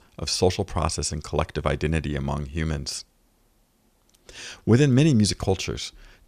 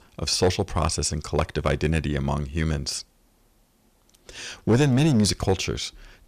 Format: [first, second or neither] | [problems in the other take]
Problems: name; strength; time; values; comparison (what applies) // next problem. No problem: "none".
first | distortion; slight; 3% of the sound clipped